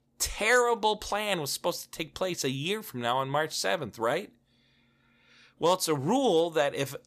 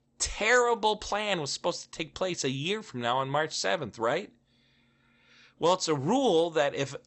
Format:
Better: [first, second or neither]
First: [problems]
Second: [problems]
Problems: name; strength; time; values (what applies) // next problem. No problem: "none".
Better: first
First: none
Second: garbled, watery; slightly; nothing above 8 kHz